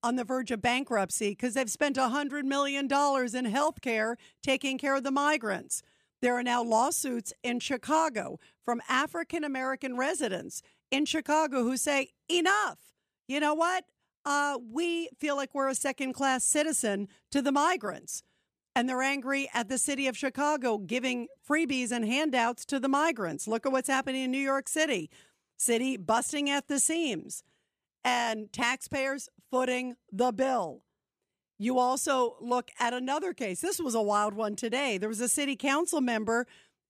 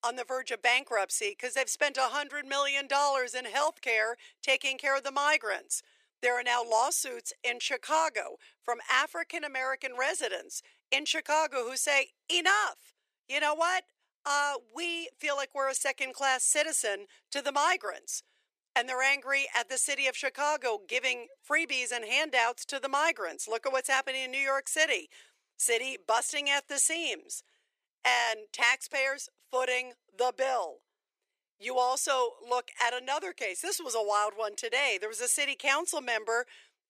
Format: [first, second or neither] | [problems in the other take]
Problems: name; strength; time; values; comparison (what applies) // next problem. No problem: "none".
first | thin; very; fading below 400 Hz